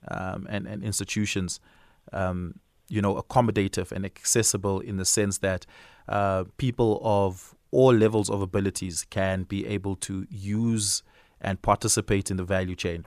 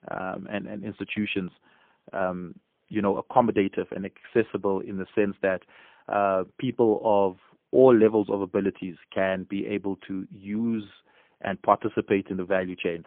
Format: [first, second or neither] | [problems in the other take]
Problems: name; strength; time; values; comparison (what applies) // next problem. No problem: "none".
first | phone-call audio; poor line; nothing above 3.5 kHz